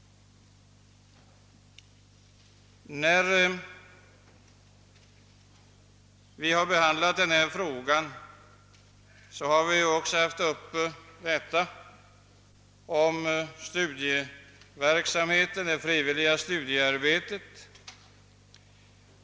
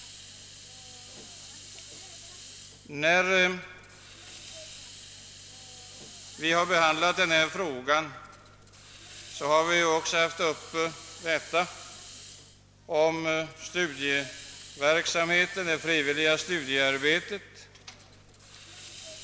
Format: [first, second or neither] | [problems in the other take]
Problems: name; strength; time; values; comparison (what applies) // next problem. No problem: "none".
first | background sound (Hiss); 18 dB below the speech